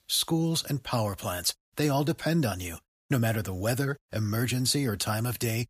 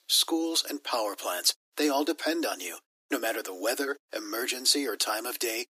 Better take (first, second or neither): first